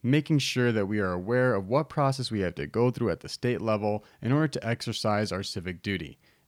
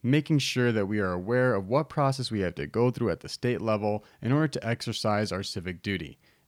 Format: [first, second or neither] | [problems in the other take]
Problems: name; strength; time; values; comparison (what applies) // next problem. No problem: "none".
neither | none